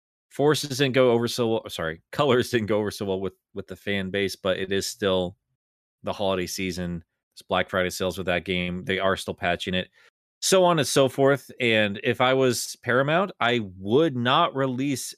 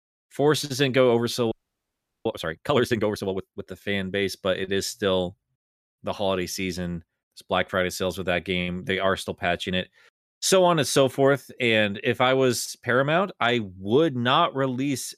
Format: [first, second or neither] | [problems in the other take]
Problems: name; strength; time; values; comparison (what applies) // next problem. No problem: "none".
first | audio freezing; at 1.5 s for 0.5 s